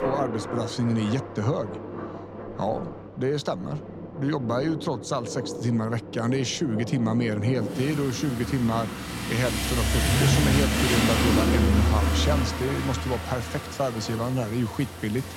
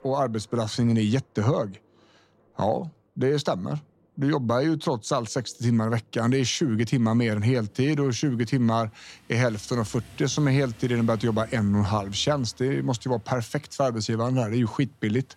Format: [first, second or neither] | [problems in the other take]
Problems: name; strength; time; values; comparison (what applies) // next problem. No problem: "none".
second | rain or running water; loud; throughout; as loud as the speech; faint in the second